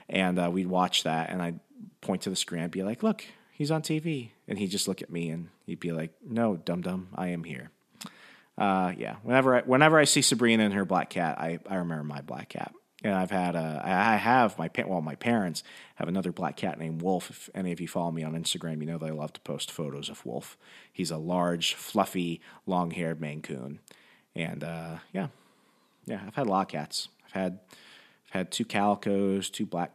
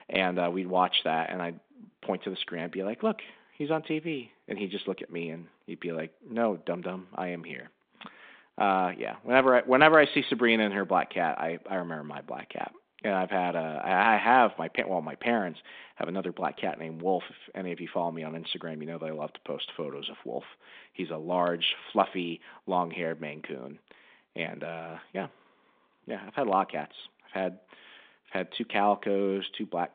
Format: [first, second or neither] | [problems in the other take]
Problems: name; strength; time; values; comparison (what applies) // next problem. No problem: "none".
first | phone-call audio